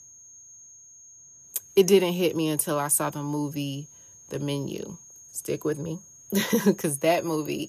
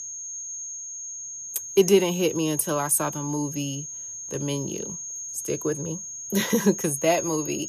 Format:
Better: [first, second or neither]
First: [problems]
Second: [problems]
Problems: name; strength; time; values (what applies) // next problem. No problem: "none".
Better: first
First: high-pitched whine; faint; throughout; 6.5 kHz, 20 dB below the speech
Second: high-pitched whine; loud; throughout; 6.5 kHz, 8 dB below the speech